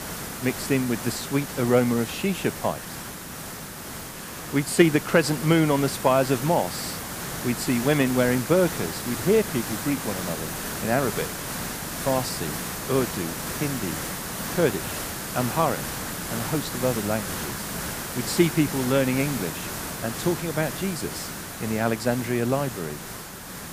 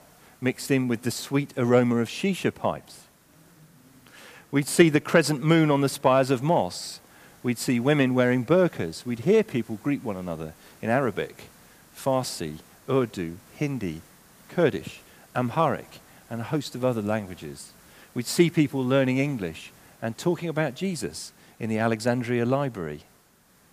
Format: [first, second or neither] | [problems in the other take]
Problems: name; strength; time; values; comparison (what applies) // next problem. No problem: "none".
second | hiss; loud; throughout; 6 dB below the speech; faint in the second